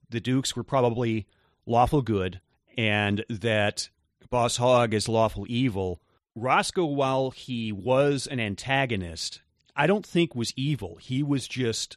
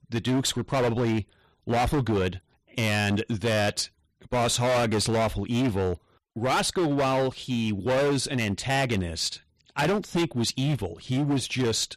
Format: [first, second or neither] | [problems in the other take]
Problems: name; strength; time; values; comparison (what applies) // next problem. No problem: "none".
first | distortion; heavy; 18% of the sound clipped